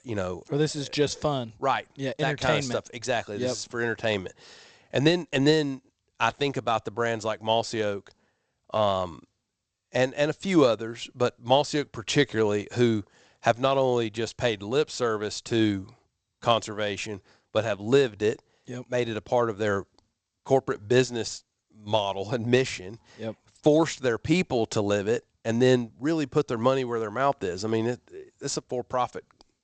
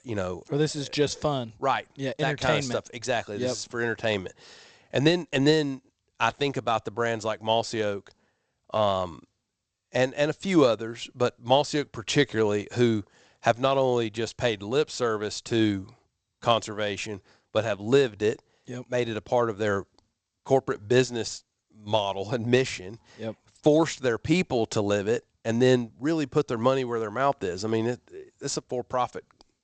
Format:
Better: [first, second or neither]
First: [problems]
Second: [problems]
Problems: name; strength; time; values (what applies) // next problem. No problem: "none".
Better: neither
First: garbled, watery; slightly; nothing above 8 kHz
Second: garbled, watery; slightly; nothing above 8 kHz